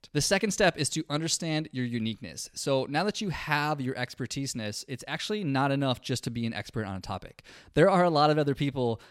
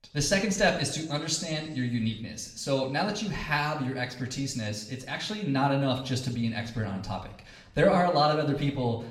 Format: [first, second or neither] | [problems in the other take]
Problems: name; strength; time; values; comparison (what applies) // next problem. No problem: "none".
first | room echo; slight; dies away in 0.7 s // off-mic speech; somewhat distant